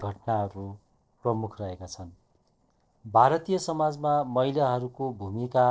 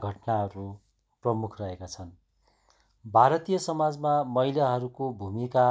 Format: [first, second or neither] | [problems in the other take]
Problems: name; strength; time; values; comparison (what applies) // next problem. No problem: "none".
second | noise reduction (neural separator model SepFormer DNS4)